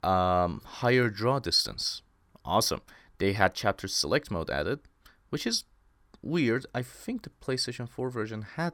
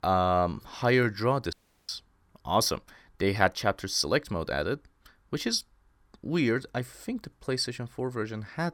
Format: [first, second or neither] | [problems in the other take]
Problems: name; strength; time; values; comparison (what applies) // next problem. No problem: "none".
first | audio cutting out; at 1.5 s